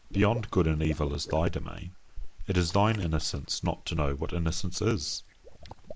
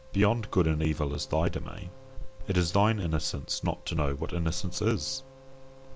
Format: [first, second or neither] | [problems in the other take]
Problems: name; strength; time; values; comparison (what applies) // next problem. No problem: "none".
second | noise reduction (neural mask model Resemble Enhance denoiser)